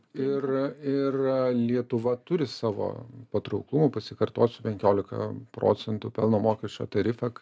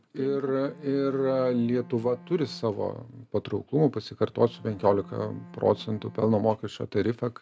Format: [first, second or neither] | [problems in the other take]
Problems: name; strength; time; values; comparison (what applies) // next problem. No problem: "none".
first | background sound (Bowed string instrument); 20 dB below the speech